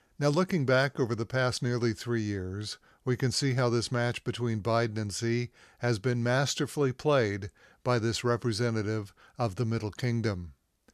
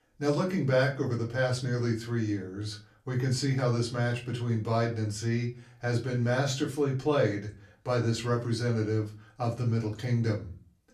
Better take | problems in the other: first | off-mic speech; far // room echo; very slight; dies away in 0.3 s

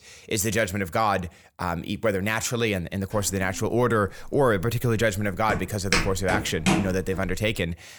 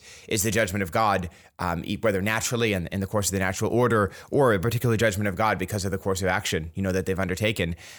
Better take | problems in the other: second | footsteps; loud; from 3 s on; peak 1 dB above the speech

